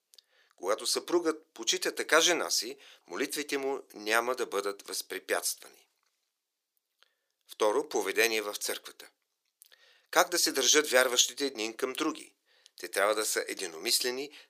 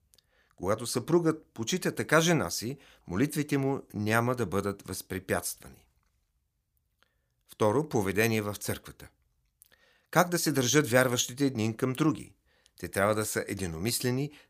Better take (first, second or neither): second